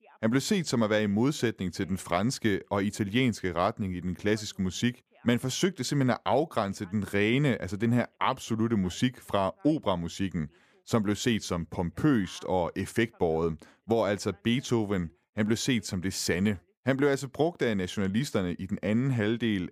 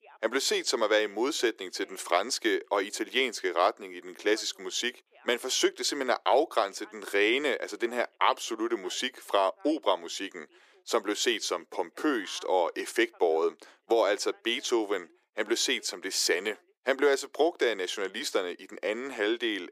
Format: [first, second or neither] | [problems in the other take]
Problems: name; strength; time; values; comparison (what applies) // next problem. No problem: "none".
first | thin; very; fading below 350 Hz